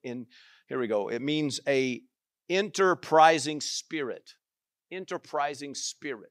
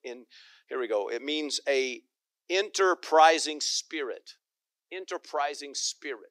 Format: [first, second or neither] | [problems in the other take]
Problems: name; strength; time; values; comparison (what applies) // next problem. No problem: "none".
first | thin; somewhat; fading below 300 Hz